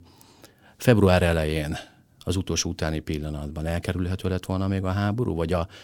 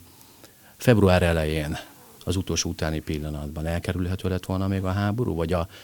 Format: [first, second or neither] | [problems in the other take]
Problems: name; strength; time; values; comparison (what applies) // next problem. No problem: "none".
first | hiss; faint; throughout; 25 dB below the speech